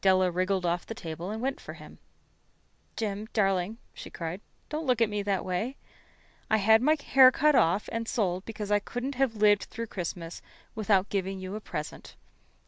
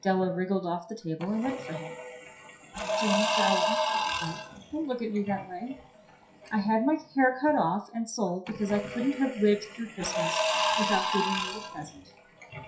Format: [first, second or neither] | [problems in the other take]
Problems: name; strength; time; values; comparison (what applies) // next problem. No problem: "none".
first | noise reduction (classical method WPE with log-MMSE)